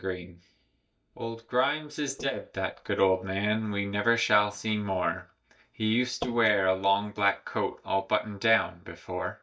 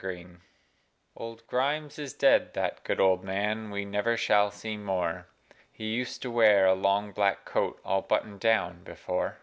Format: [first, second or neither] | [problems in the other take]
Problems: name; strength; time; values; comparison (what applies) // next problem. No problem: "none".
second | noise reduction (neural mask model DeepFilterNet 3)